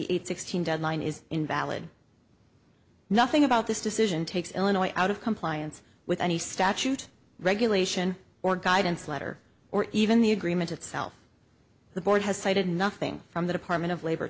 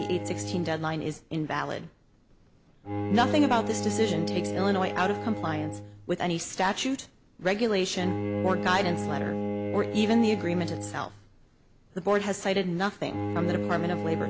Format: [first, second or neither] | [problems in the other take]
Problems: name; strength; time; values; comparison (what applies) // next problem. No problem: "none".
first | background sound (Bowed string instrument); 5 dB below the speech